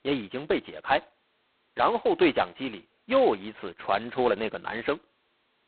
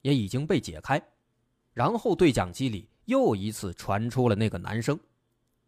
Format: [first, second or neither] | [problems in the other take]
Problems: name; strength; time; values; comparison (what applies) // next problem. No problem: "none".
second | phone-call audio; poor line; nothing above 4 kHz